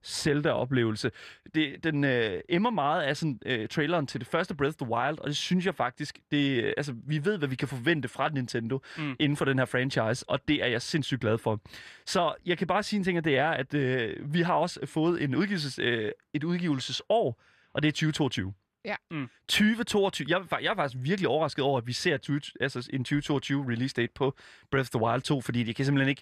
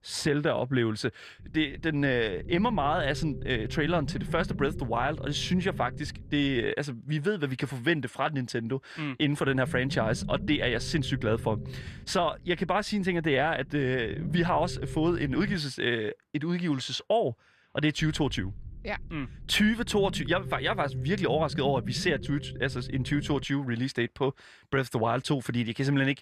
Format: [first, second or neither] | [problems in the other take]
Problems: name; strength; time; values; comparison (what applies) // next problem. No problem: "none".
first | low rumble; noticeable; from 1.5 to 6.5 s, from 9.5 to 16 s and from 18 to 23 s; 15 dB below the speech